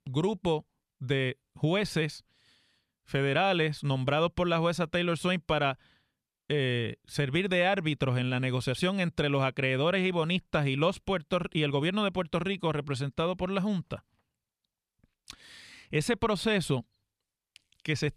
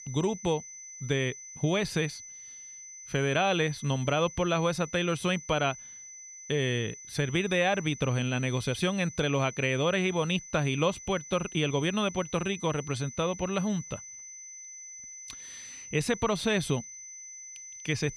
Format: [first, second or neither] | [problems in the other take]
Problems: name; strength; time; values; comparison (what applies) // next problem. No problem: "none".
first | high-pitched whine; noticeable; throughout; 6 kHz, 15 dB below the speech